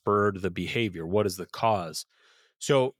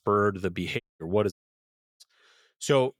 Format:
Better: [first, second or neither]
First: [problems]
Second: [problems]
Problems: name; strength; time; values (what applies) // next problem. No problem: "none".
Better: first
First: none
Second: audio cutting out; at 1 s and at 1.5 s for 0.5 s